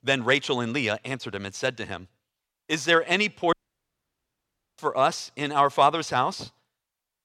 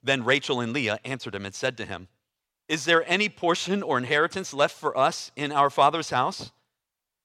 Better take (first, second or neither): second